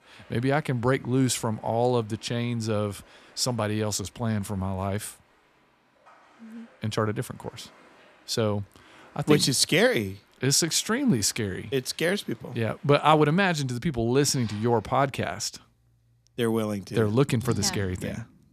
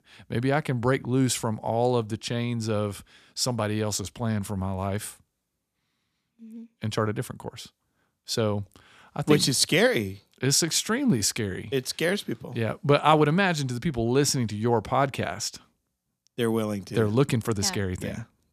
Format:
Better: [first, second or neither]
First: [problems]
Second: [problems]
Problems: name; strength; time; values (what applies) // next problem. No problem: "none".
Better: second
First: rain or running water; faint; throughout; 25 dB below the speech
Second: none